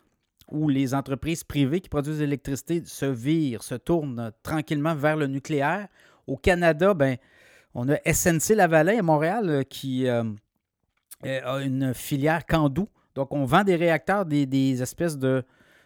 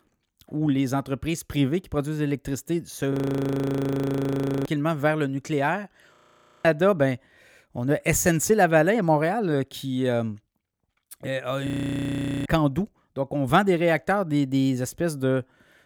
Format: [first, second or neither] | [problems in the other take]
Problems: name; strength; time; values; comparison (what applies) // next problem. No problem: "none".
first | audio freezing; at 3 s for 1.5 s, at 6 s for 0.5 s and at 12 s for 1 s